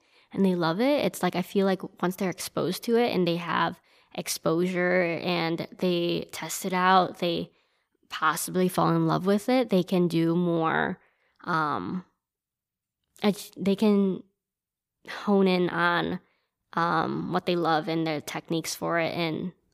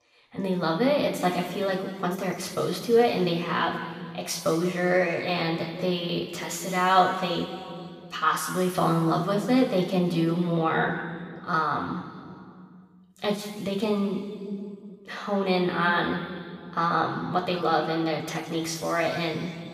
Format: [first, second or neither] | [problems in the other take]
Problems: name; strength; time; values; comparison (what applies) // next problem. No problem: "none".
first | room echo; noticeable; dies away in 2.1 s // off-mic speech; somewhat distant